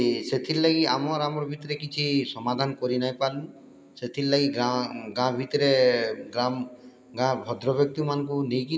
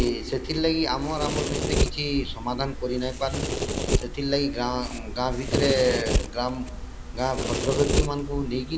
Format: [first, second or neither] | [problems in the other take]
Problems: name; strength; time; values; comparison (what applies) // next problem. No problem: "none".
first | background sound (Domestic sounds, home sounds); 1 dB below the speech